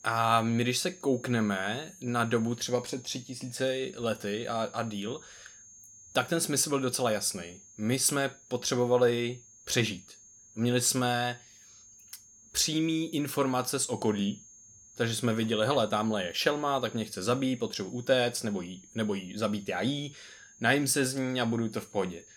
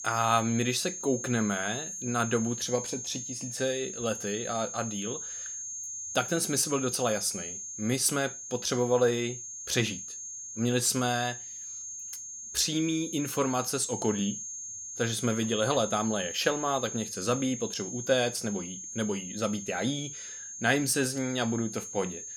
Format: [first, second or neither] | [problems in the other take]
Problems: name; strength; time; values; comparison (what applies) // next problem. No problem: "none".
first | high-pitched whine; loud; throughout; 6.5 kHz, 7 dB below the speech; faint in the first